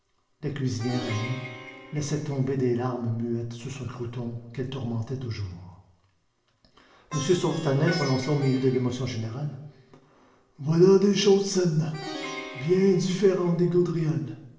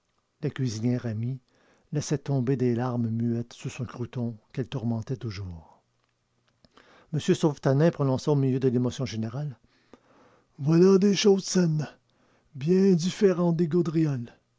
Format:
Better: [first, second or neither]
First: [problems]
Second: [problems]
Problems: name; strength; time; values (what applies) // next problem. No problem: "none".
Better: second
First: background sound (Plucked string instrument); 16 dB below the speech // room echo; dies away in 0.8 s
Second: none